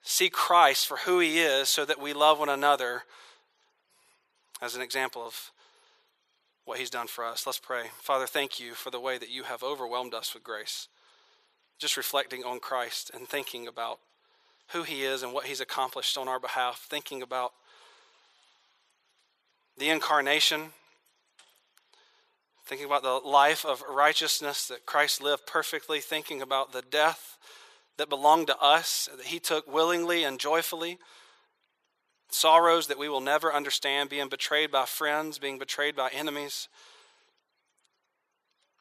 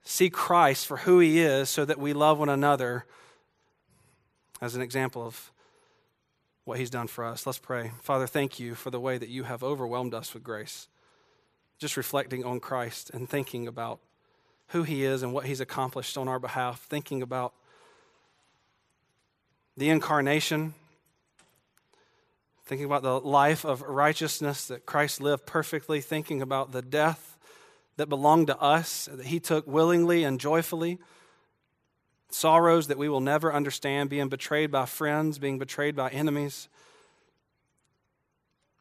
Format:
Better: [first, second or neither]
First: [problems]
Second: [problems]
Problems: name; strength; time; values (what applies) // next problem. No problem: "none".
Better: second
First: thin; somewhat; fading below 550 Hz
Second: none